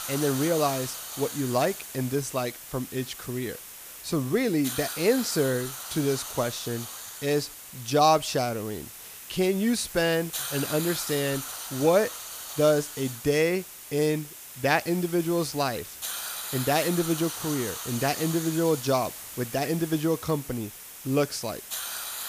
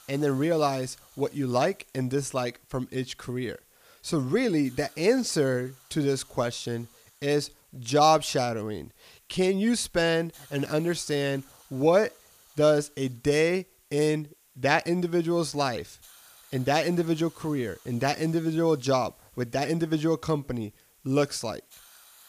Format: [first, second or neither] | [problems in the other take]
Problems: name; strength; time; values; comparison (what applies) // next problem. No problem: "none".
second | hiss; loud; throughout; 8 dB below the speech; faint in the second